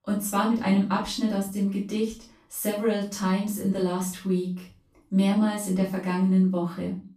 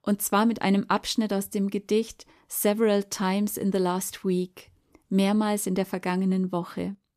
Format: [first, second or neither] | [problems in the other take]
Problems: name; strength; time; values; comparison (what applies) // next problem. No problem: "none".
second | off-mic speech; far // room echo; slight; dies away in 0.3 s